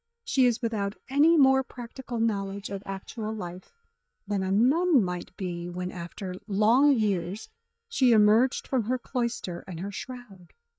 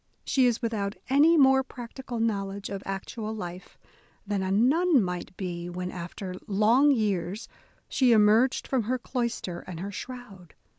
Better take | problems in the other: second | noise reduction (neural mask model DeepFilterNet 3)

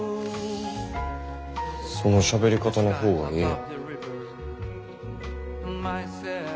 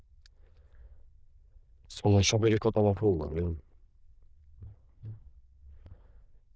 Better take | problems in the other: first | noise reduction (neural diffusion model UNIVERSE++)

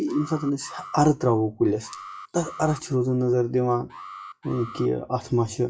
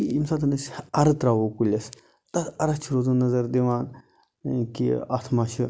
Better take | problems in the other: second | noise reduction (classical method WPE with log-MMSE)

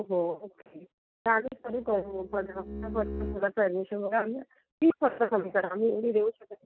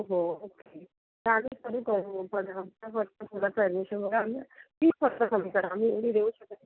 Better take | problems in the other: second | noise reduction (neural mask model RNNoise)

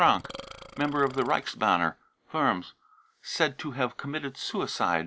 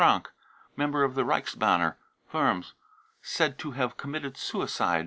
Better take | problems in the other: second | background sound (Burping, eructation); 16 dB below the speech

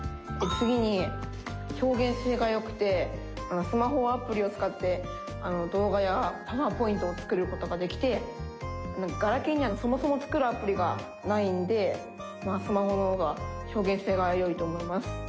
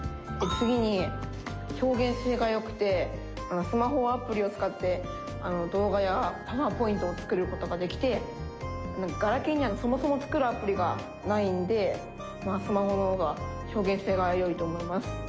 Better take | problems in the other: first | background sound (Organ); 18 dB below the speech

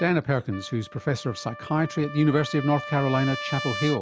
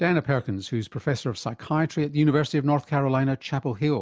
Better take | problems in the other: second | background sound (Trumpet); 11 dB below the speech

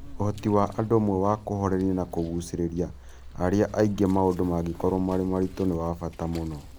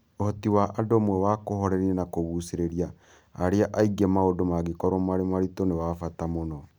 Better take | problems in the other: second | background sound (Insect); 17 dB below the speech

